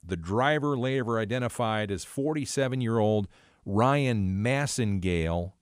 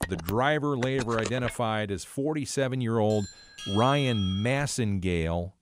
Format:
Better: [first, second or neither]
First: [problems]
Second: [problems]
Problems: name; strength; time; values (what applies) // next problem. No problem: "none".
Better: first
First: none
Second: phone ringing; noticeable; until 1.5 s; peak 7 dB below the speech // doorbell; noticeable; from 3 to 4.5 s; peak 7 dB below the speech